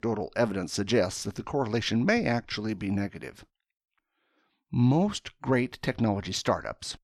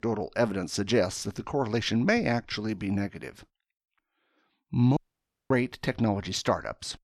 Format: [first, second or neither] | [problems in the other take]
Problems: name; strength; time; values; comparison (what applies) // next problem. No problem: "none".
first | audio cutting out; at 5 s for 0.5 s